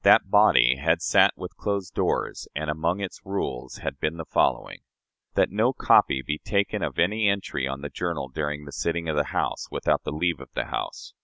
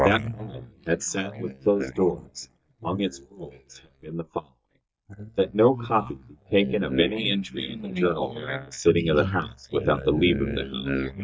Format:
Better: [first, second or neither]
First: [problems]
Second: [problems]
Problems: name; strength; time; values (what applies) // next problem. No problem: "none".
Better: first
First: none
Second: noise reduction (neural mask model DeepFilterNet 3)